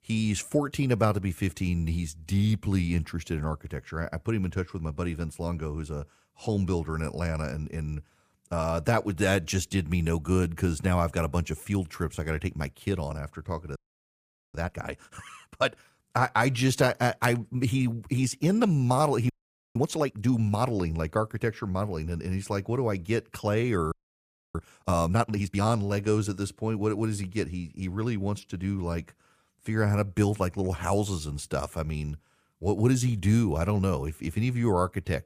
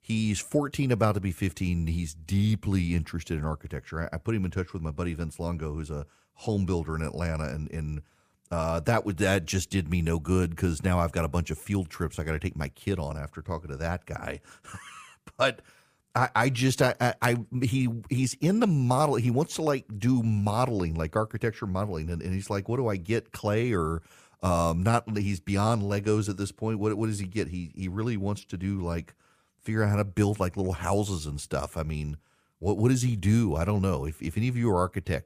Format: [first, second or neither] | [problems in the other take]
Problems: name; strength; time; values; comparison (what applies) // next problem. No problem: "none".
second | audio freezing; at 14 s for 1 s, at 19 s and at 24 s for 0.5 s